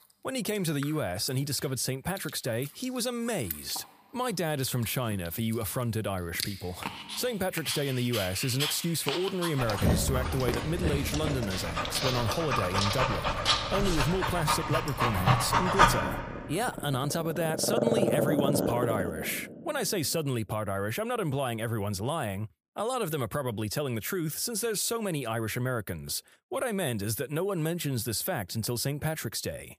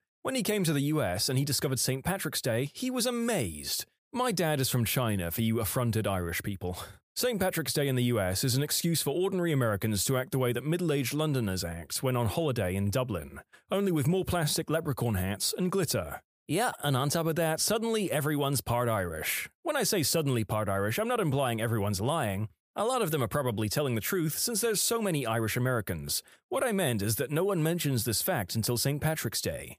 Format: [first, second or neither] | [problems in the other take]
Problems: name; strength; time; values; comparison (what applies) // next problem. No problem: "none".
second | animal sounds; very loud; until 19 s; 1 dB above the speech